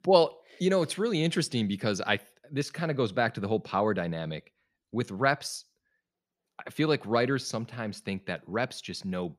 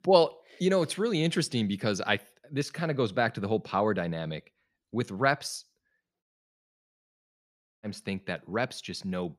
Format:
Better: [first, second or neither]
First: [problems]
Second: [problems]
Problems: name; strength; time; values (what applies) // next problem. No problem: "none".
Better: first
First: none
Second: audio cutting out; at 6 s for 1.5 s